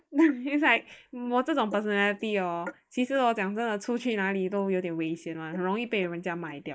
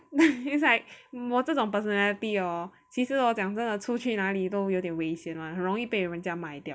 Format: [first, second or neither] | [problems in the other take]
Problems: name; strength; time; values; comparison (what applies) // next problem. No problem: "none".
second | noise reduction (neural mask model Resemble Enhance denoiser)